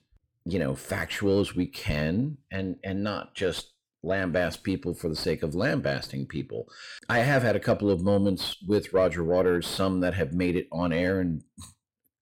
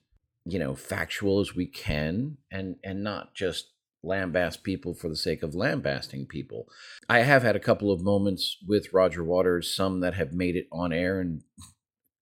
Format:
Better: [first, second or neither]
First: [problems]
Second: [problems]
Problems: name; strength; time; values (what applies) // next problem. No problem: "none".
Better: second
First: distortion; slight; 10 dB below the speech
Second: none